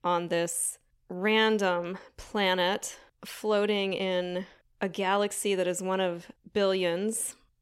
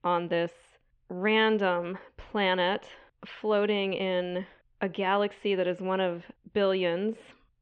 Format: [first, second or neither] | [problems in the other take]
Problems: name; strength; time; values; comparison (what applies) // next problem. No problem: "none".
first | muffled; very; fading above 3.5 kHz